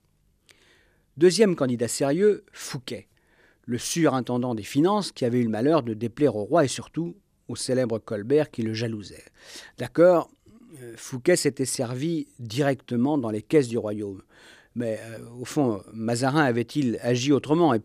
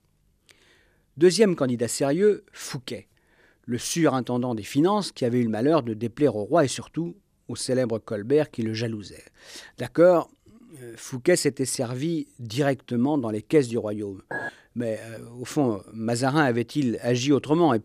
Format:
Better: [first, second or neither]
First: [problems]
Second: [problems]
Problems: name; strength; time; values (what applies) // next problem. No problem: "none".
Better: first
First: none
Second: clattering dishes; noticeable; at 14 s; peak 9 dB below the speech